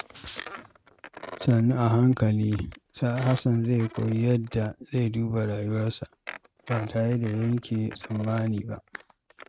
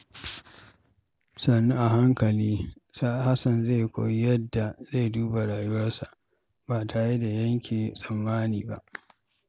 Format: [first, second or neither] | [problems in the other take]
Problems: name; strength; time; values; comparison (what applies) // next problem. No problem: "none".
second | noise reduction (neural mask model RNNoise)